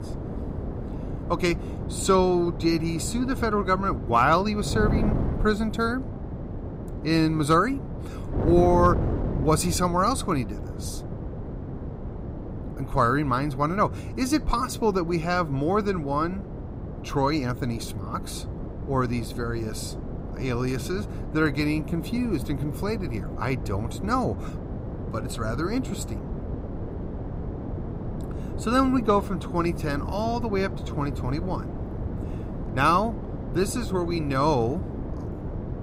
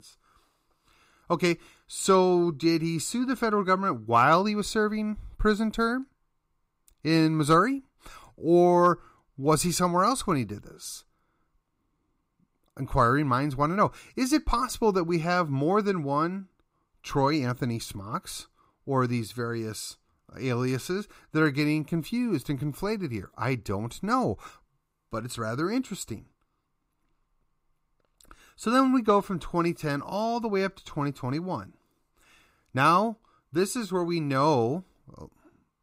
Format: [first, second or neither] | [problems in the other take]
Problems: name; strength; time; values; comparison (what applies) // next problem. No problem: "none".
second | wind noise on the microphone; occasional gusts; 15 dB below the speech